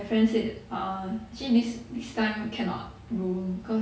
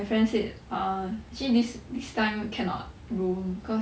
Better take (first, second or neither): second